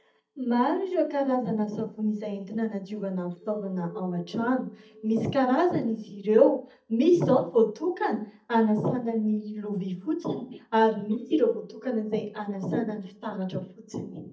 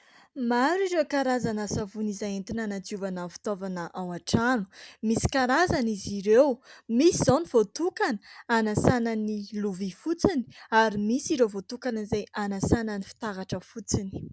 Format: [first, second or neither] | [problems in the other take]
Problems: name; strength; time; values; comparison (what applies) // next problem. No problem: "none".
second | noise reduction (neural mask model DeepFilterNet 3)